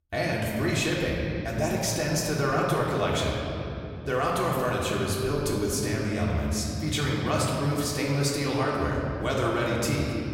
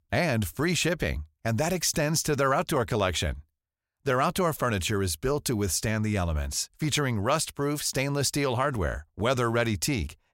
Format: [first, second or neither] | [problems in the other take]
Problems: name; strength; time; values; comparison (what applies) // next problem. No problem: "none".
second | room echo; noticeable; dies away in 2.9 s // off-mic speech; far